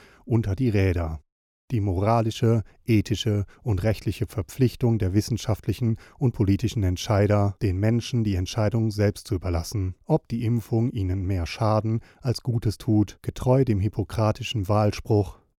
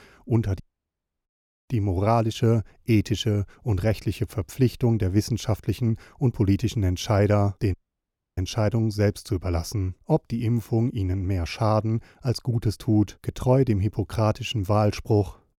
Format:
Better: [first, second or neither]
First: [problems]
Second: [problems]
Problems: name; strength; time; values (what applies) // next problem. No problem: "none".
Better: first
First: none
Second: audio cutting out; at 0.5 s for 0.5 s and at 7.5 s for 0.5 s